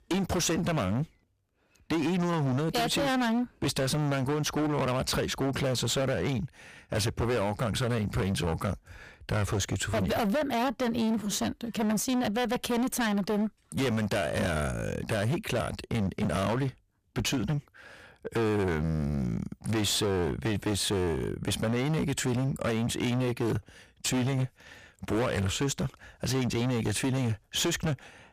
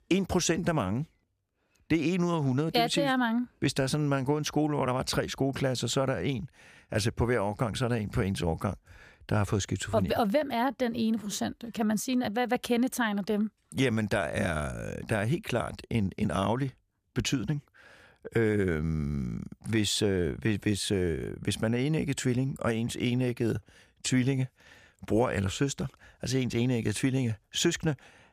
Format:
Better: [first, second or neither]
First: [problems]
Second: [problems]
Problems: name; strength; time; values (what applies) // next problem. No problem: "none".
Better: second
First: distortion; heavy; 26% of the sound clipped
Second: none